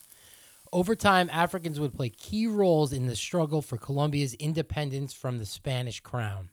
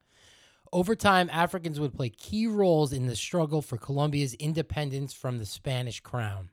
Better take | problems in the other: second | hiss; faint; throughout; 25 dB below the speech

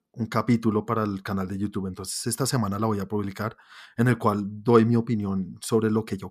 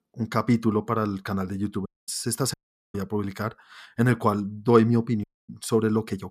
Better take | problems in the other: first | audio cutting out; at 2 s, at 2.5 s and at 5 s

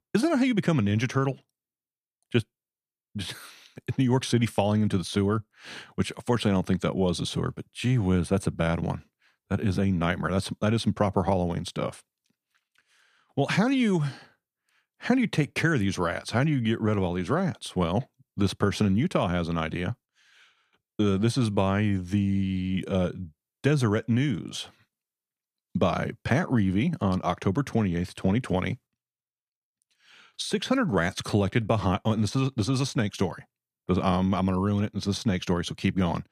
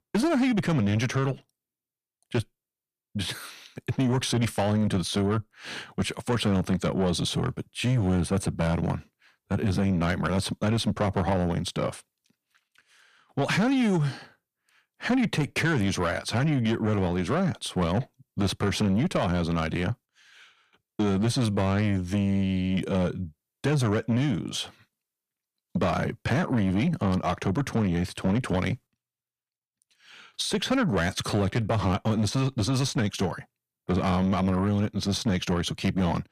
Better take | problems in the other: first | distortion; slight; 10 dB below the speech

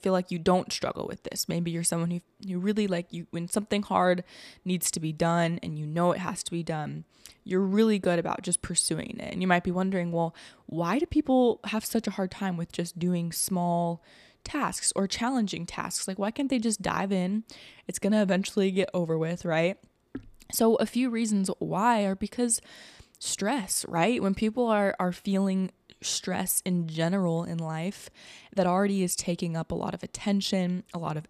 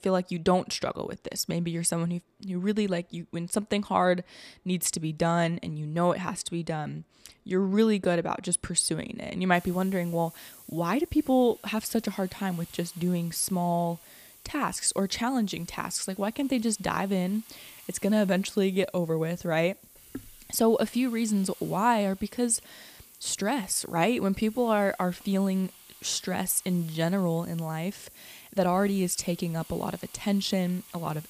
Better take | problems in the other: first | hiss; faint; from 9.5 s on; 20 dB below the speech

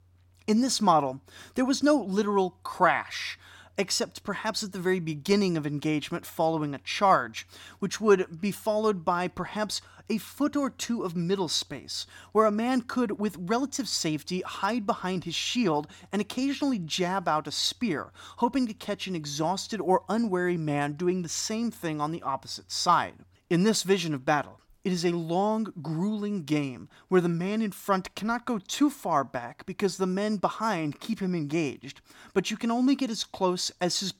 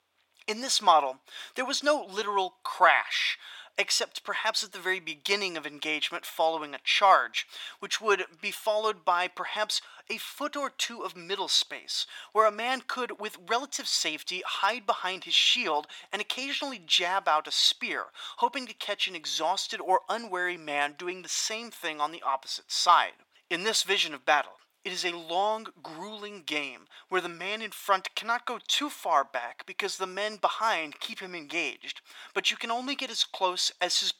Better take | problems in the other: first | thin; very; fading below 650 Hz

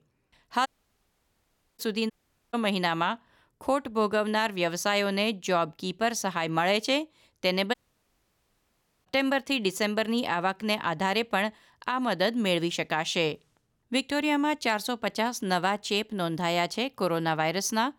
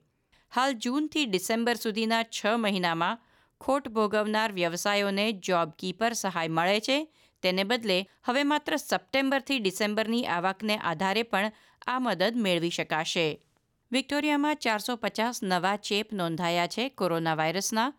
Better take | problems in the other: second | audio cutting out; at 0.5 s for 1 s, at 2 s and at 7.5 s for 1.5 s

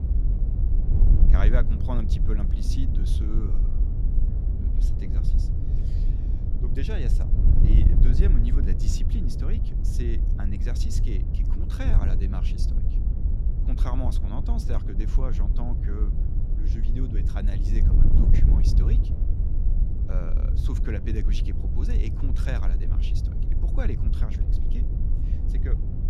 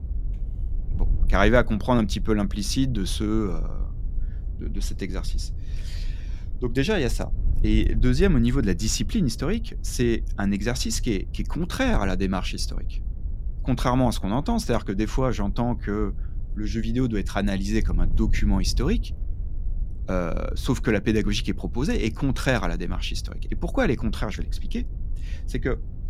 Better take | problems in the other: second | wind noise on the microphone; heavy; 2 dB below the speech; occasional gusts in the second

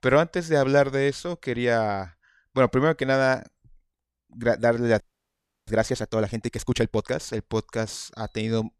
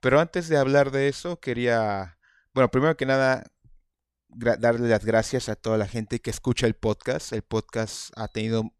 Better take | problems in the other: second | audio freezing; at 5 s for 0.5 s

